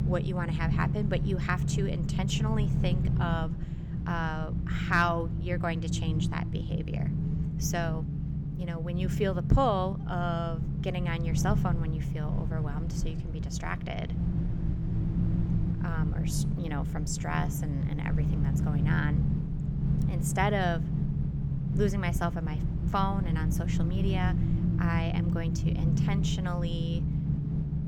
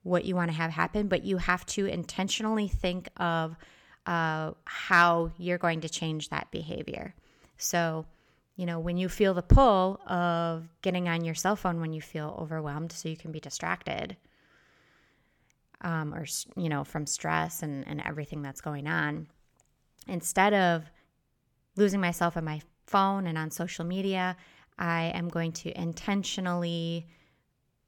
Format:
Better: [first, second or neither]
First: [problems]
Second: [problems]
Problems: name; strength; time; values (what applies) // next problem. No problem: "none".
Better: second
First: low rumble; loud; throughout; 7 dB below the speech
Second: none